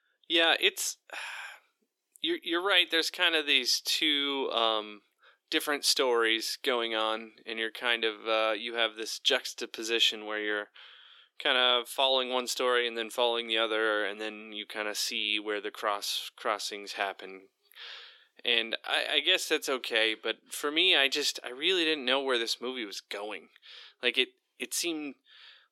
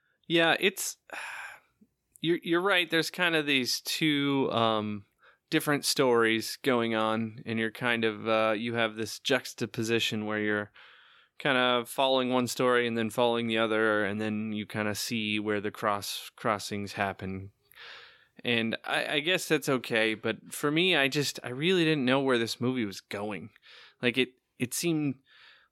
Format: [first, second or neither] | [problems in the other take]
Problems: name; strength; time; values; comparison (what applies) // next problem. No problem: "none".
second | thin; somewhat; fading below 350 Hz